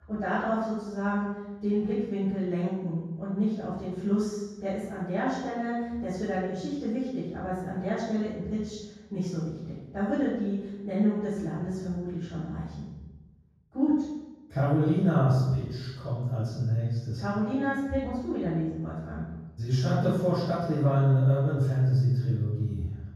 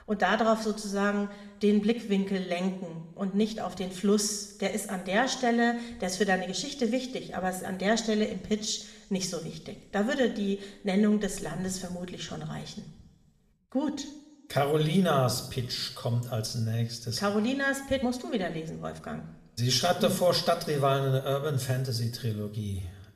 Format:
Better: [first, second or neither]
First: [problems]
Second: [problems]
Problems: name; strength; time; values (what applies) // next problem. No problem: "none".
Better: second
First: room echo; strong; dies away in 1.3 s // off-mic speech; far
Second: room echo; slight; dies away in 0.9 s